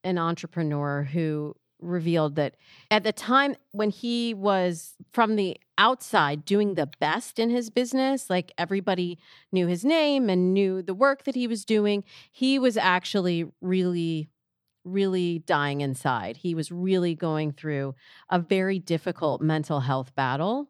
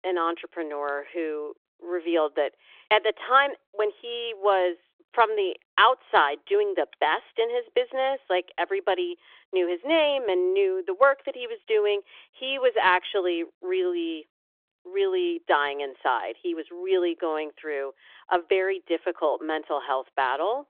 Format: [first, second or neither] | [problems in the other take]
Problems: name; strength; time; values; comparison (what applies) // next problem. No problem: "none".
first | phone-call audio; nothing above 3.5 kHz